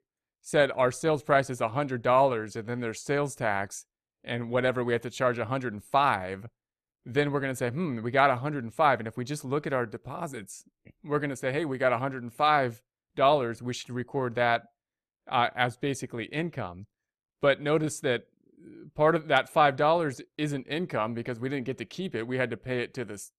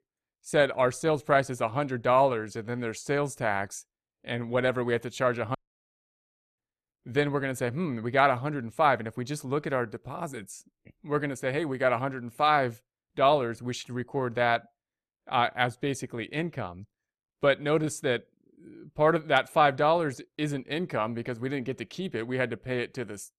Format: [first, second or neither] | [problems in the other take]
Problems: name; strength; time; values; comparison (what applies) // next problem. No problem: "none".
first | audio cutting out; at 5.5 s for 1 s